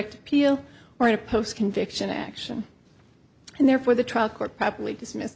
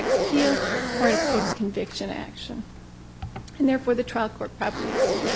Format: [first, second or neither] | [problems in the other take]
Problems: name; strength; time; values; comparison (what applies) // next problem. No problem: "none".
first | background sound (Zipper (clothing)); as loud as the speech